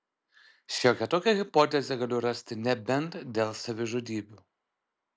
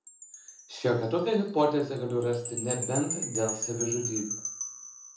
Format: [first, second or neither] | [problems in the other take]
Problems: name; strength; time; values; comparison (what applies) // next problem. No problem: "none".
first | background sound (Wind chime); 7 dB below the speech // room echo; dies away in 1 s